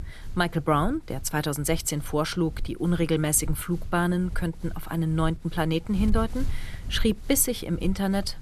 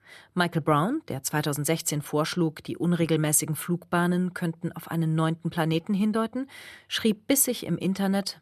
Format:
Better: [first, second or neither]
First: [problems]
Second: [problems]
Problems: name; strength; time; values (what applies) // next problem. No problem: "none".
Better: second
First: wind noise on the microphone; occasional gusts; 25 dB below the speech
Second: none